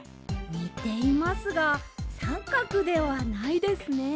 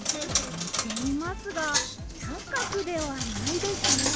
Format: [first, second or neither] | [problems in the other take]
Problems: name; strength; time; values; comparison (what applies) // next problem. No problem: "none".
first | background sound (Coin (dropping)); 2 dB above the speech